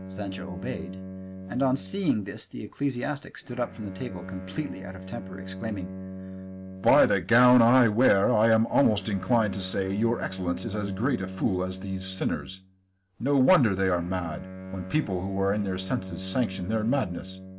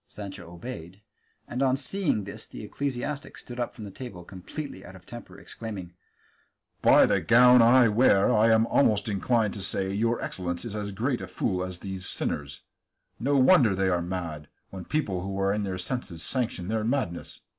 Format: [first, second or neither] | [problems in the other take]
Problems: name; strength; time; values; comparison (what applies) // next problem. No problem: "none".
second | background sound (Bowed string instrument); 12 dB below the speech